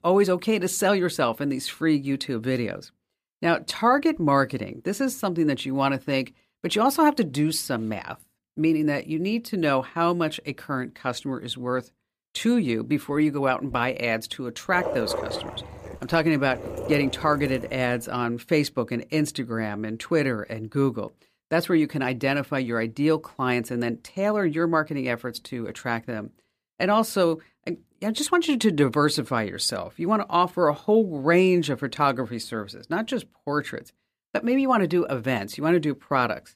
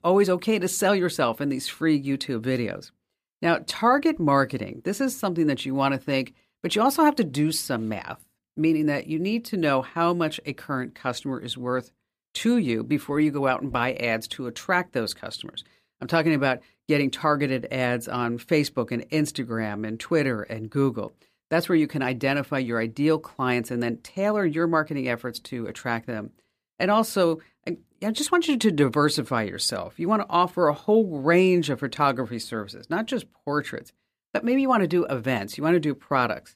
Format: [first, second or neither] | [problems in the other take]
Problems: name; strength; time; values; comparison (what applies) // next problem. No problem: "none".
second | dog barking; noticeable; from 15 to 18 s; peak 4 dB below the speech